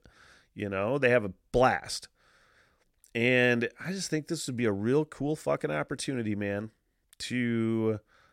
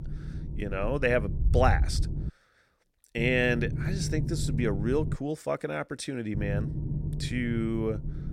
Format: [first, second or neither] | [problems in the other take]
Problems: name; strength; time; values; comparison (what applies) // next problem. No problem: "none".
first | low rumble; noticeable; until 2.5 s, from 3 to 5 s and from 6.5 s on; 15 dB below the speech